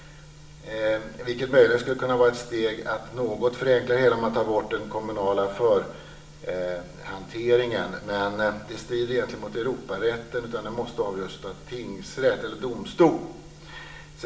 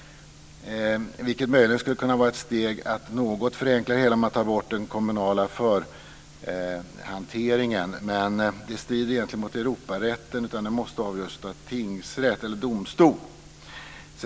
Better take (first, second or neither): second